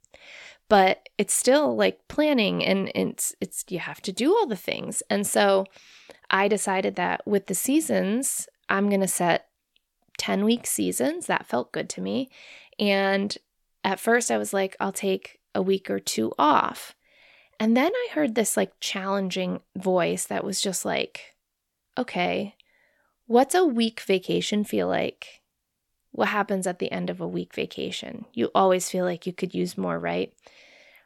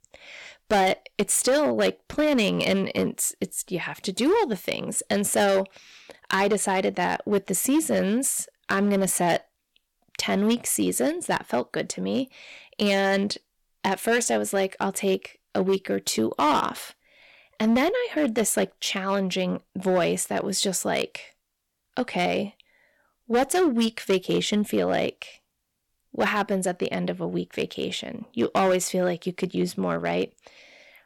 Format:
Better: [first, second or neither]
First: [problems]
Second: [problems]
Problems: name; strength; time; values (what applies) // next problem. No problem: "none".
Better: first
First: none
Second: distortion; slight; 5% of the sound clipped